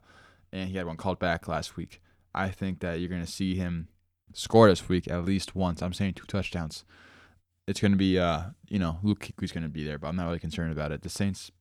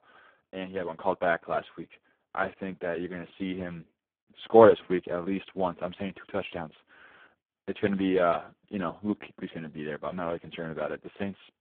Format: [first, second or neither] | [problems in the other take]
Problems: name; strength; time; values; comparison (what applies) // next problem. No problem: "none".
first | phone-call audio; poor line